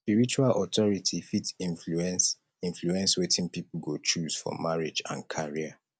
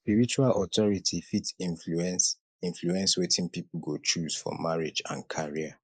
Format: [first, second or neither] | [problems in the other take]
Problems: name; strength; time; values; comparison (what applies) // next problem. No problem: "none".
first | noise reduction (neural mask model Resemble Enhance denoiser)